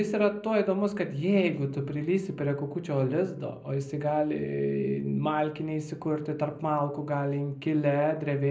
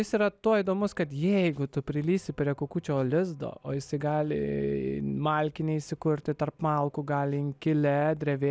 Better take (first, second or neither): second